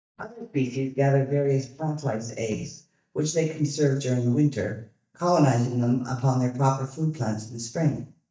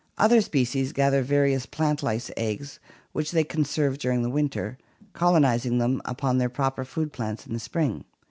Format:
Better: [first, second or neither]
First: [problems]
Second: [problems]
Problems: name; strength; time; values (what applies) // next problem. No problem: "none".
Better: second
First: noise reduction (neural mask model DeepFilterNet 3)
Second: none